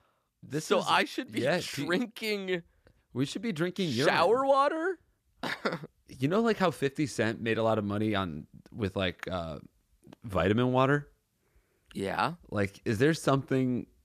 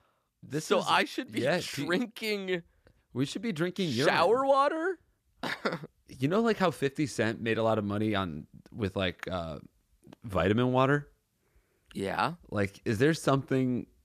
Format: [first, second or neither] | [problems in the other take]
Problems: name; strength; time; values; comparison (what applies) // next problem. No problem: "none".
neither | none